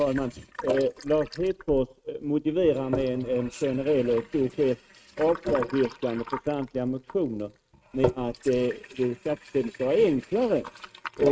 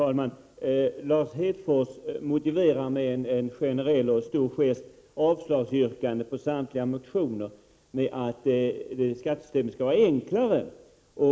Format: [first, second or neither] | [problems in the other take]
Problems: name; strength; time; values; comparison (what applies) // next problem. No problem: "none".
second | noise reduction (neural mask model RNNoise)